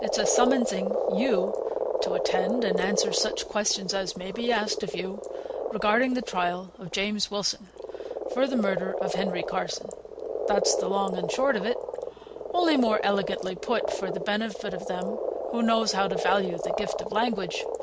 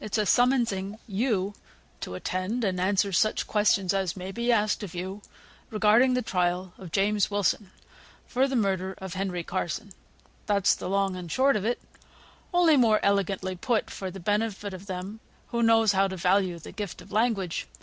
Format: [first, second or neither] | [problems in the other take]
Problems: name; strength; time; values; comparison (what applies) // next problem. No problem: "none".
second | background sound (Frog); 2 dB below the speech